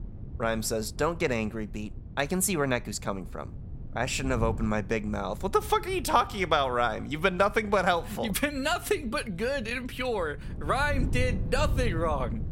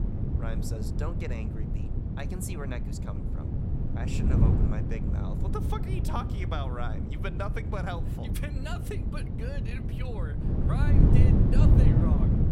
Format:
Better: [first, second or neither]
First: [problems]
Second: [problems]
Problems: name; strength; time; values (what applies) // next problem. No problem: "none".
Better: first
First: wind noise on the microphone; occasional gusts; 20 dB below the speech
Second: wind noise on the microphone; heavy; 1 dB above the speech